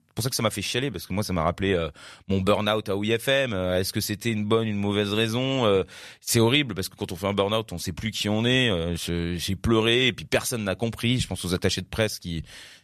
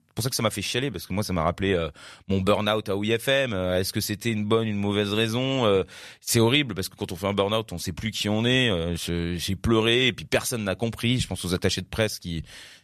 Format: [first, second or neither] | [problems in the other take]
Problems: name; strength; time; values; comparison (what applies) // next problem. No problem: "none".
neither | none